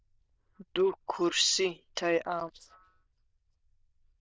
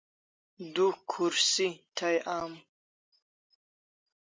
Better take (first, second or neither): second